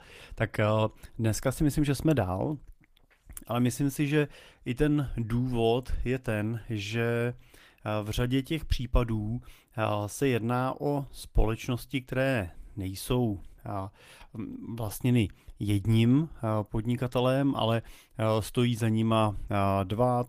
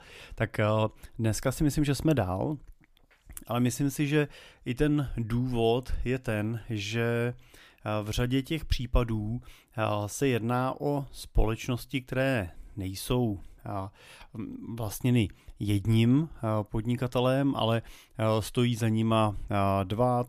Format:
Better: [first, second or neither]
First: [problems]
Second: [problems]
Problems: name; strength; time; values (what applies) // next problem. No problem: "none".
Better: second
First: garbled, watery; slightly; nothing above 15 kHz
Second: none